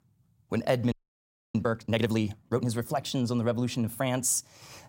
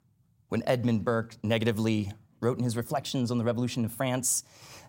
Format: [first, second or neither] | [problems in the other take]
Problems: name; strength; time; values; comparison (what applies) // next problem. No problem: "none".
second | audio freezing; at 1 s for 0.5 s